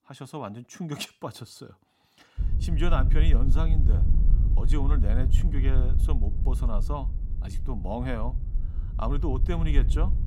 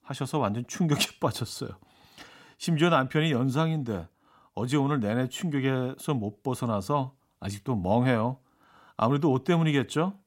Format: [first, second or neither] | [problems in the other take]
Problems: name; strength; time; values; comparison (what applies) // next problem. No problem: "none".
second | wind noise on the microphone; heavy; from 2.5 s on; 9 dB below the speech